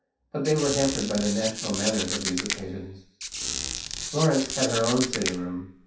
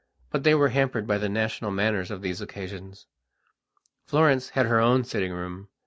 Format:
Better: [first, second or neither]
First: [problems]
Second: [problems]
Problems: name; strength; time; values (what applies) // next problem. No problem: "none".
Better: second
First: background sound (Squeak); 4 dB below the speech // room echo; dies away in 0.7 s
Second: none